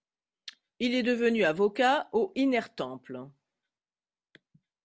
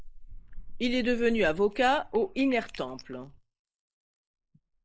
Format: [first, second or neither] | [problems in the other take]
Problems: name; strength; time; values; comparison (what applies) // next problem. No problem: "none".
first | noise reduction (neural mask model Resemble Enhance denoiser)